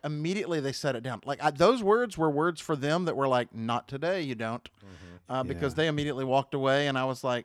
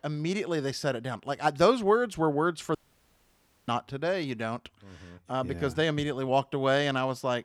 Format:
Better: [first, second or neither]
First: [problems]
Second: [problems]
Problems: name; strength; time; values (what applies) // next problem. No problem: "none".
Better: first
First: none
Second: audio cutting out; at 3 s for 1 s